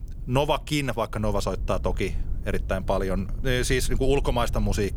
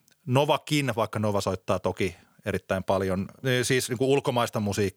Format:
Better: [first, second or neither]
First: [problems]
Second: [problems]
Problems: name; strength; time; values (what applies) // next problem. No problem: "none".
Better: second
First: low rumble; faint; throughout; 25 dB below the speech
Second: none